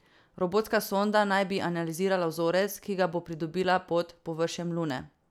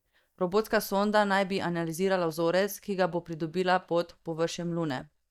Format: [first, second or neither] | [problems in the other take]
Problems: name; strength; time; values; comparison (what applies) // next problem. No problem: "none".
first | noise reduction (neural mask model DeepFilterNet 3)